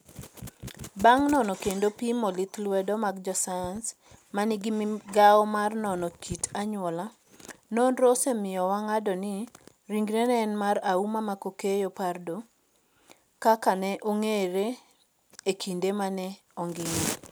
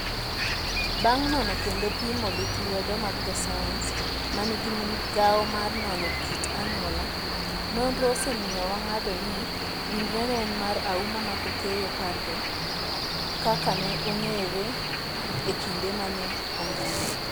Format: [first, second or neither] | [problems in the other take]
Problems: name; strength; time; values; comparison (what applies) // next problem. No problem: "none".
first | background sound (Cricket); 1 dB above the speech